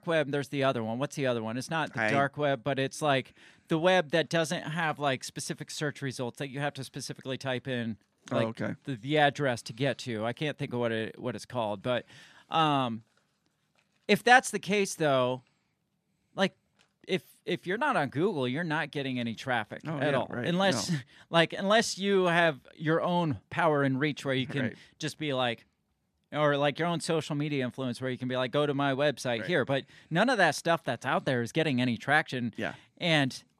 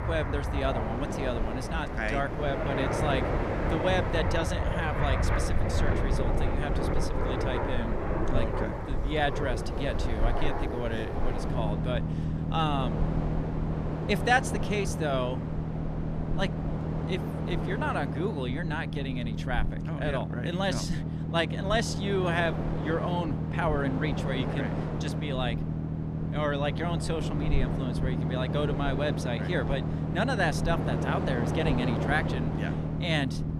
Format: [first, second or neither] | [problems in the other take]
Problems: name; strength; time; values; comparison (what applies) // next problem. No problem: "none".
first | train or aircraft noise; very loud; throughout; 1 dB above the speech